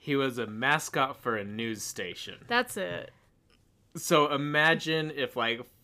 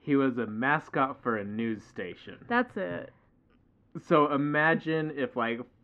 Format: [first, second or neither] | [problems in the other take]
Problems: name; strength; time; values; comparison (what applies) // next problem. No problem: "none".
first | muffled; very; fading above 1.5 kHz